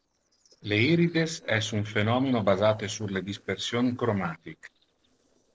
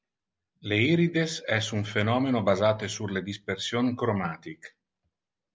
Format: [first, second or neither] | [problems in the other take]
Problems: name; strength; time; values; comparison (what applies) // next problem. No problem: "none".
second | noise reduction (neural separator model SepFormer DNS4)